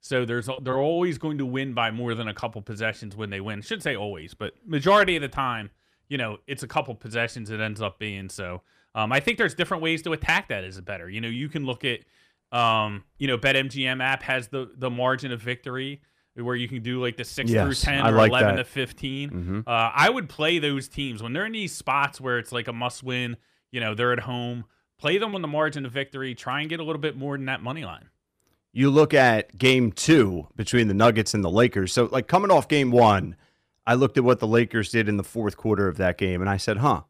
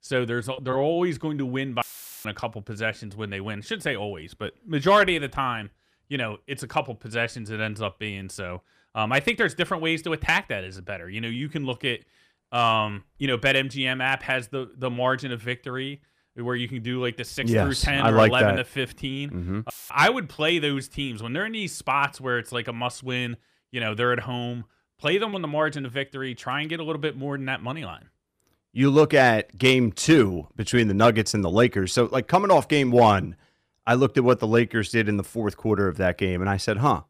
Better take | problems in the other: first | audio cutting out; filled with static; at 2 s and at 20 s

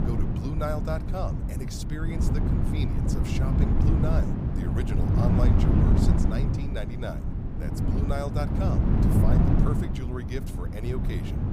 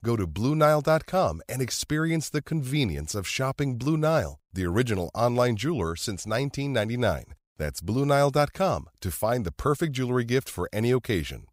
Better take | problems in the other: second | wind noise on the microphone; heavy; 2 dB above the speech

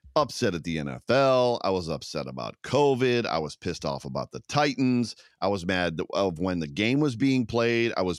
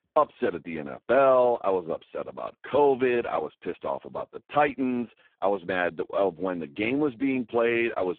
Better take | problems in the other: first | phone-call audio; poor line

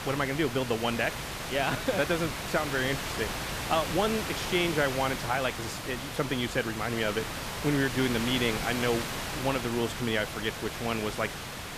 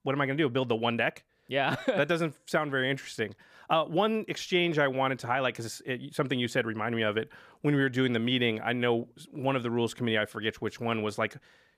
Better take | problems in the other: second | hiss; loud; throughout; 4 dB below the speech

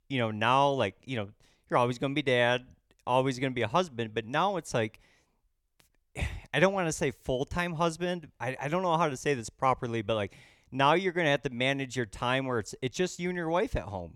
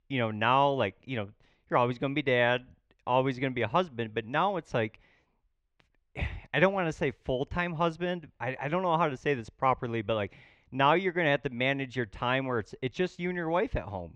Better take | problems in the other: first | muffled; slightly; fading above 2.5 kHz

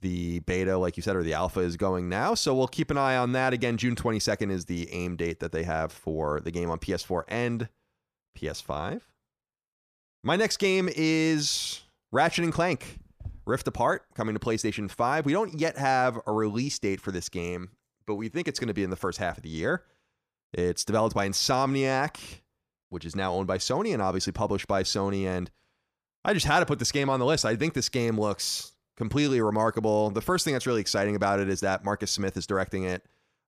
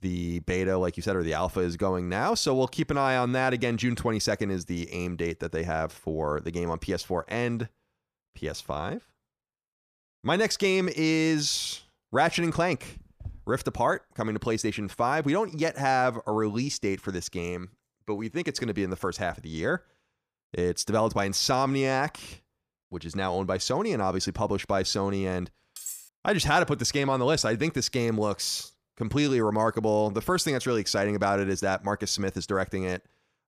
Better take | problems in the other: first | clattering dishes; noticeable; at 26 s; peak 9 dB below the speech

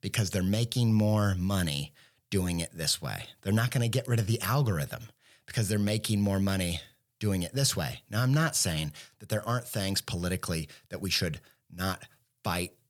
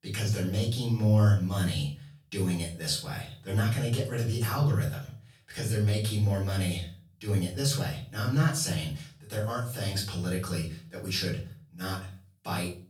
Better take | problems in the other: first | room echo; slight; dies away in 0.4 s // off-mic speech; far

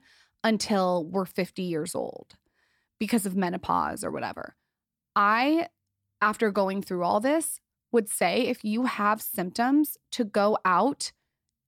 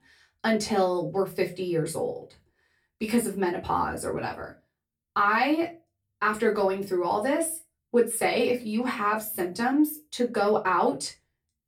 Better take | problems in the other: first | off-mic speech; far // room echo; very slight; dies away in 0.2 s

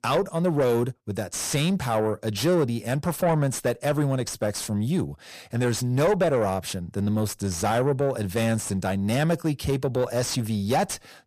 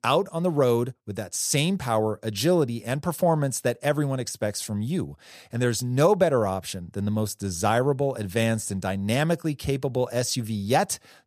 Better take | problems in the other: second | distortion; slight; 10 dB below the speech

